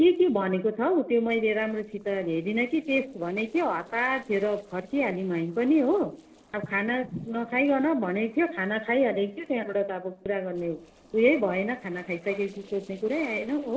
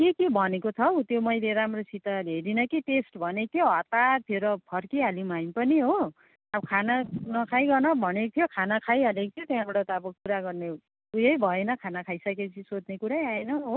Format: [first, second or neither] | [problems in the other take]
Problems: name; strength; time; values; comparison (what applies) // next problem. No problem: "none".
second | noise reduction (neural separator model SepFormer DNS4)